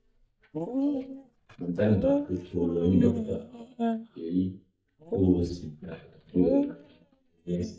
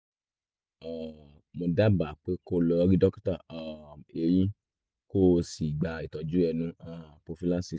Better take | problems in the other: second | noise reduction (neural mask model DeepFilterNet 3)

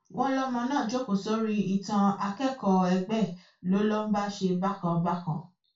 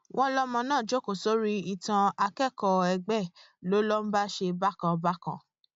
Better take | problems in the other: second | room echo; dies away in 0.2 s

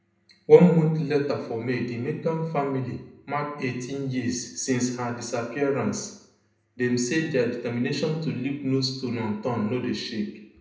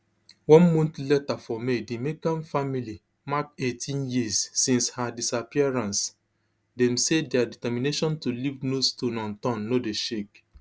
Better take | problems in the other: second | room echo; dies away in 0.7 s

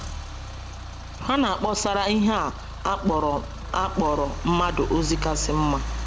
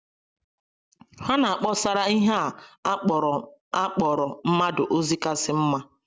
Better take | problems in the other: second | background sound (Idling / Engine starting / Accelerating, revving, vroom / Car); 7 dB below the speech

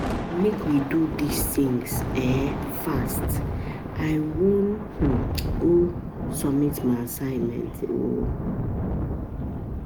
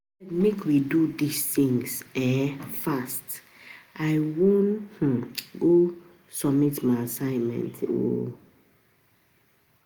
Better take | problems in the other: second | background sound (Thunder); 3 dB below the speech

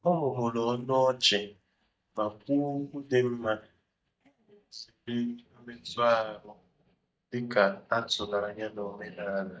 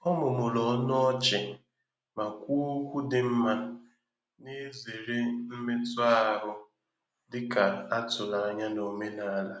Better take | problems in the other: second | noise reduction (neural mask model DeepFilterNet 3)

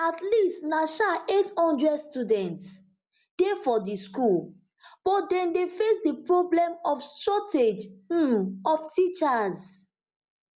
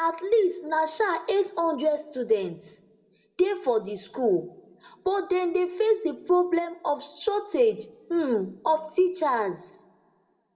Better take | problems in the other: first | room echo; dies away in 1 s

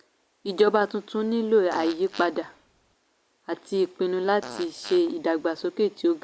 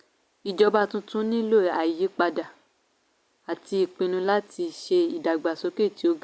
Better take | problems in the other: second | background sound (Fart); 17 dB below the speech

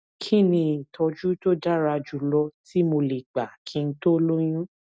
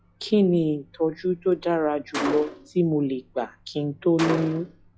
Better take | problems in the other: first | noise reduction (classical method log-MMSE)

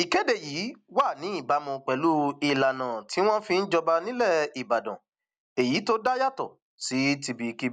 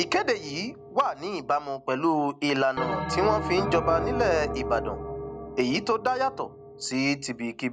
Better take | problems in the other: first | background sound (Bell); 7 dB below the speech

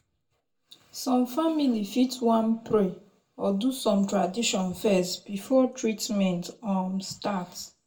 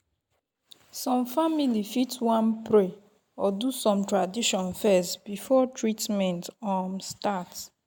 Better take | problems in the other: second | room echo; dies away in 0.2 s

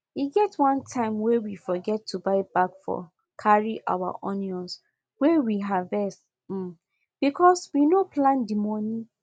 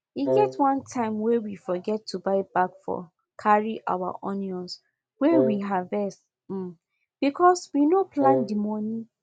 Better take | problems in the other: first | background sound (Wind instrument, woodwind instrument); 1 dB below the speech

